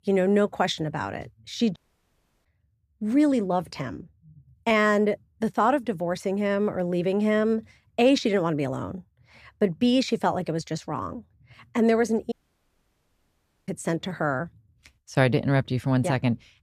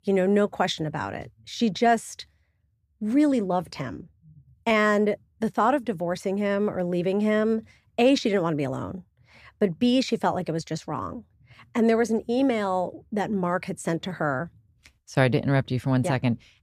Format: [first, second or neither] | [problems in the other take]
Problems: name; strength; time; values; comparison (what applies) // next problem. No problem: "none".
second | audio cutting out; at 2 s for 0.5 s and at 12 s for 1.5 s